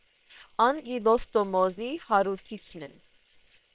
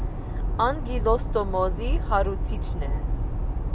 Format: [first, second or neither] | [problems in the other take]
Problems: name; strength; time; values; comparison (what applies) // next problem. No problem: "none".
second | noise reduction (neural separator model SepFormer WHAM!)